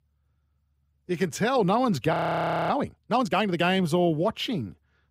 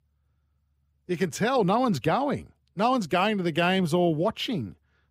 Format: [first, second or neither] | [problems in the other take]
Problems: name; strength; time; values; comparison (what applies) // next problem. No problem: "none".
second | audio freezing; at 2 s for 0.5 s